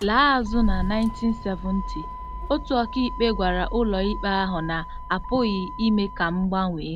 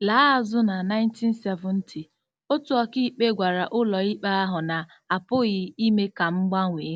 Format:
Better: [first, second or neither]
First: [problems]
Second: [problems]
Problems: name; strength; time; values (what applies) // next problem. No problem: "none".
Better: second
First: background sound (Motor vehicle (road)); 7 dB below the speech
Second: none